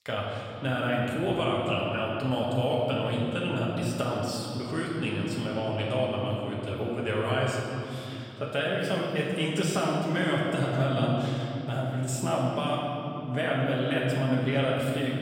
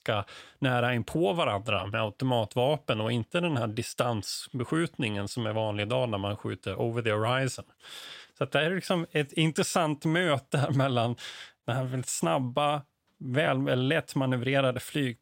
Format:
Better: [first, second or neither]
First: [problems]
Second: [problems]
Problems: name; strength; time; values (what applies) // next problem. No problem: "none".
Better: second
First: room echo; noticeable; dies away in 2.8 s // off-mic speech; far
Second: none